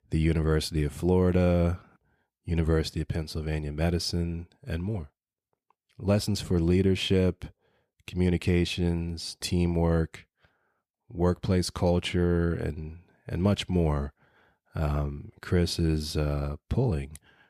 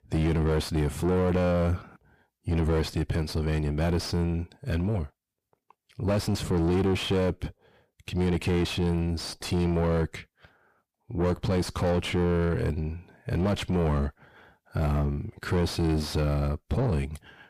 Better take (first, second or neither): first